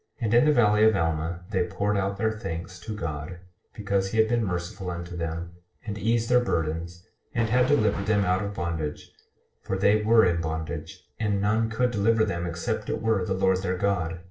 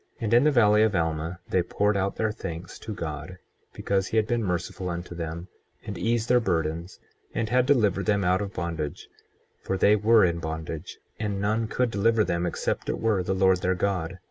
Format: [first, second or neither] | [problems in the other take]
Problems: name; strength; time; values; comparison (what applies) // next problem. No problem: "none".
second | noise reduction (neural separator model SepFormer DNS4)